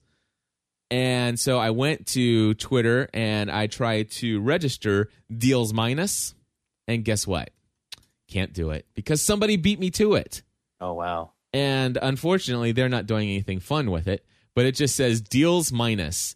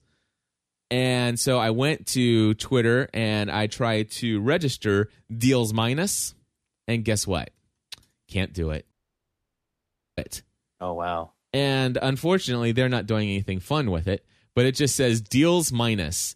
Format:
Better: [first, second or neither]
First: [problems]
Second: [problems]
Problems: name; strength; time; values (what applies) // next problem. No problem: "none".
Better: first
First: none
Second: audio cutting out; at 9 s for 1.5 s